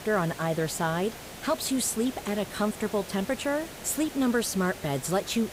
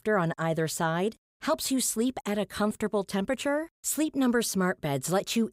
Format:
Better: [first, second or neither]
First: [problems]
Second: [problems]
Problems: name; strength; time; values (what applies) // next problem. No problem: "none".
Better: second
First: hiss; noticeable; throughout; 10 dB below the speech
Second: none